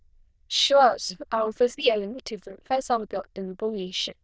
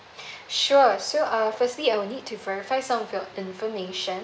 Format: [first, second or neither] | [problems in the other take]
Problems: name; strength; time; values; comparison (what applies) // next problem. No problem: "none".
second | noise reduction (neural diffusion model UNIVERSE++)